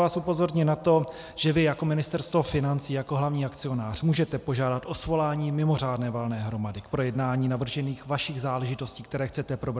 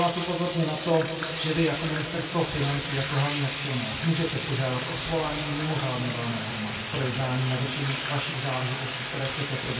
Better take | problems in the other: first | background sound (Bathtub (filling or washing)); 6 dB below the speech // room echo; dies away in 2.1 s

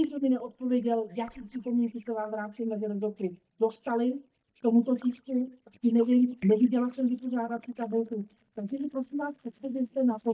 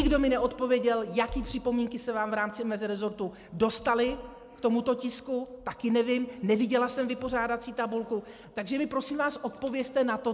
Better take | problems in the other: second | noise reduction (neural mask model DeepFilterNet 3)

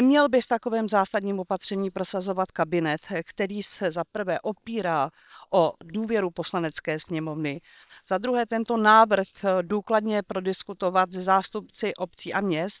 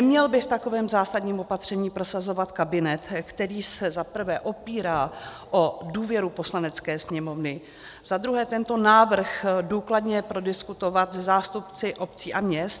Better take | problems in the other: second | noise reduction (neural separator model SepFormer WHAM!)

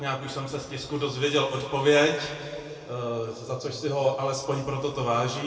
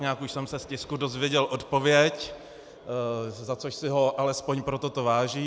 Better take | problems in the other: second | room echo; dies away in 2.3 s

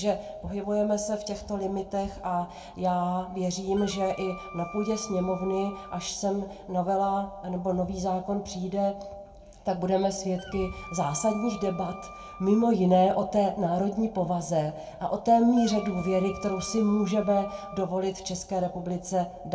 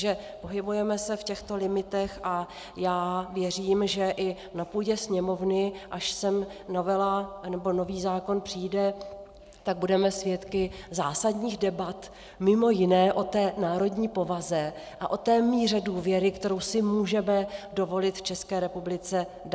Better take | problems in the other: second | background sound (Wind instrument, woodwind instrument); 18 dB below the speech // room echo; dies away in 0.2 s

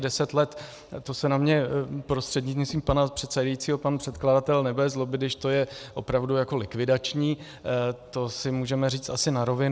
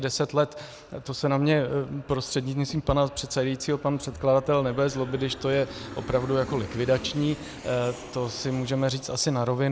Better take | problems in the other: first | background sound (Aircraft); 17 dB below the speech

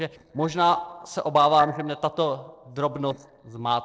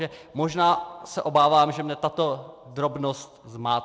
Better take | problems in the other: second | noise reduction (neural separator model SepFormer DNS4)

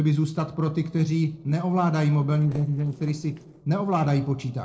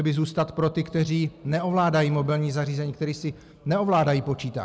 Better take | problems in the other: second | noise reduction (neural separator model SepFormer DNS4)

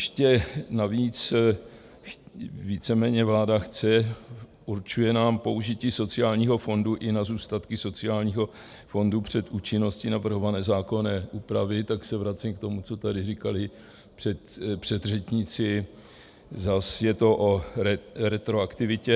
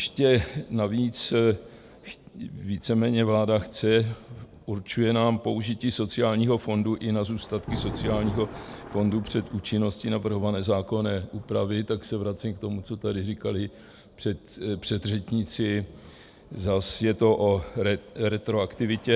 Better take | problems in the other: first | background sound (Thunder); 18 dB below the speech

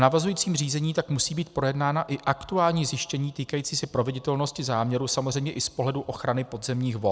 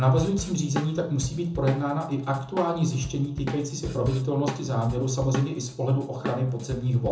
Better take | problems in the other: first | background sound (Drum kit); 11 dB below the speech // room echo; dies away in 0.6 s

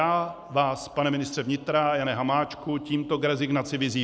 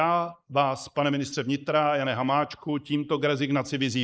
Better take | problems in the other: first | noise reduction (neural mask model Resemble Enhance denoiser)

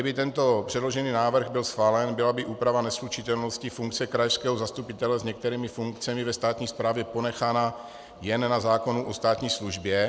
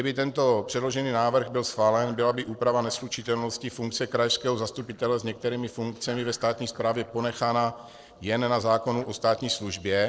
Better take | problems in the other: first | noise reduction (neural separator model SepFormer DNS4)

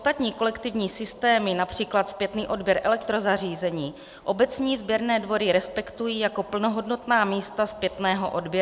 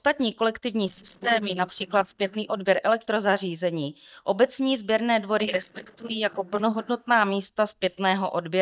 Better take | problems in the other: first | noise reduction (neural mask model DeepFilterNet 3)

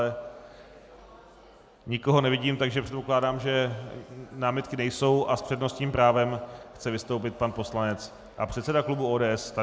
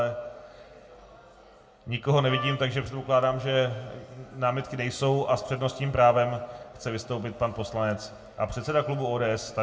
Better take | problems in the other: first | background sound (Wind instrument, woodwind instrument); 9 dB below the speech // room echo; dies away in 1 s

